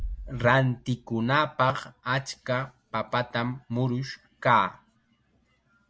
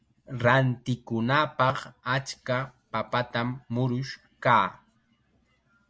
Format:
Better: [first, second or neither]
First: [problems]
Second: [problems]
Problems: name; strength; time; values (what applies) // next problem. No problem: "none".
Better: second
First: background sound (Bass drum); 18 dB below the speech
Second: none